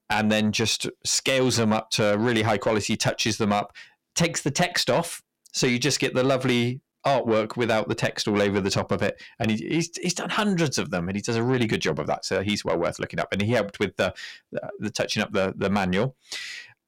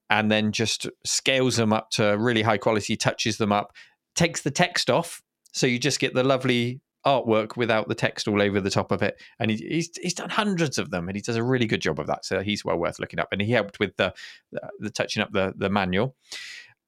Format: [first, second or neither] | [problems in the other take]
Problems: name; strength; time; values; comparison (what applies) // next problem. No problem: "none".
second | distortion; slight; 10 dB below the speech